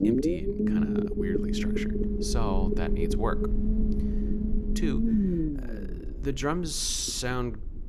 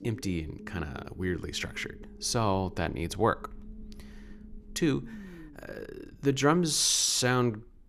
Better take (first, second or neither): second